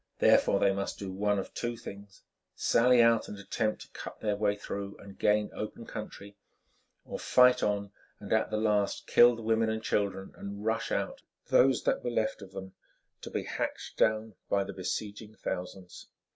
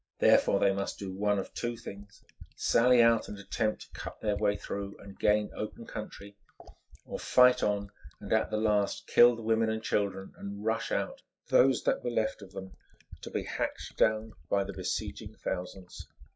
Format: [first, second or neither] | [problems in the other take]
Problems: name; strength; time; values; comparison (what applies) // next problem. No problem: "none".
first | noise reduction (classical method log-MMSE)